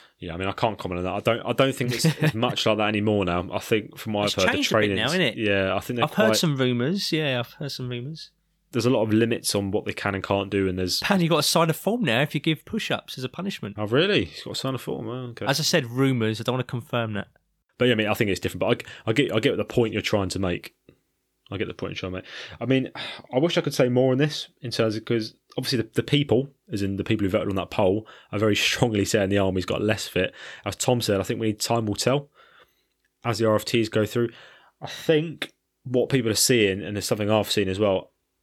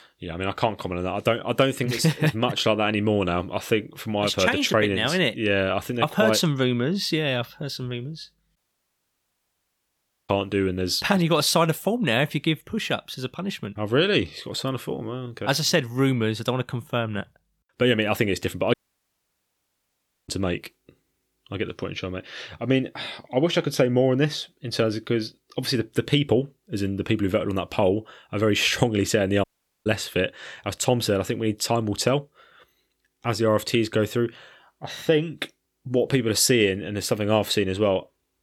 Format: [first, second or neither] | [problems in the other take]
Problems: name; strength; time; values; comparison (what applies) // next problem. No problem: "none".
first | audio cutting out; at 8.5 s for 1.5 s, at 19 s for 1.5 s and at 29 s